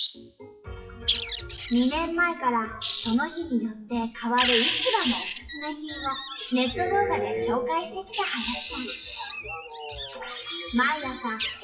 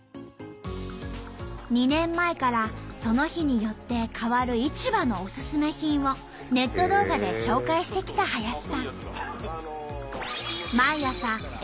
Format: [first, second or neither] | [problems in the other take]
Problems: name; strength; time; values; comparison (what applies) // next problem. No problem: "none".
second | noise reduction (classical method WPE with log-MMSE)